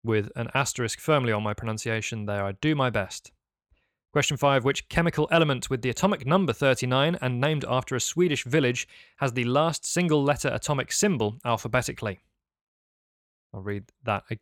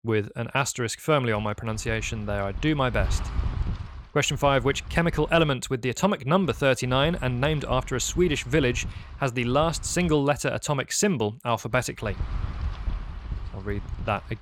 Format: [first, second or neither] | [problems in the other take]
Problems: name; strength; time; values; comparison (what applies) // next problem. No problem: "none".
first | wind noise on the microphone; occasional gusts; from 1.5 to 5.5 s, from 6.5 to 10 s and from 12 s on; 20 dB below the speech